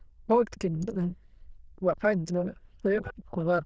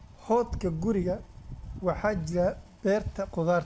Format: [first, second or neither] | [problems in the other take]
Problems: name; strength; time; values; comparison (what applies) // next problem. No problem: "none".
second | noise reduction (neural diffusion model UNIVERSE++)